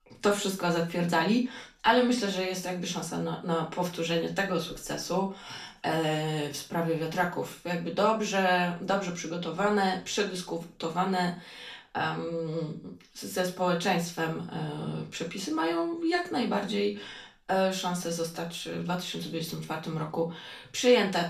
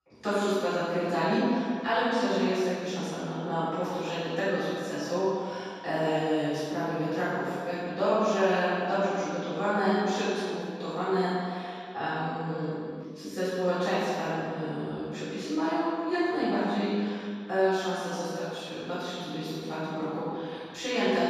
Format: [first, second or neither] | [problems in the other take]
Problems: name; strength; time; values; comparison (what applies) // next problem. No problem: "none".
first | room echo; strong; dies away in 2.2 s; slight in the first // off-mic speech; far; far in the first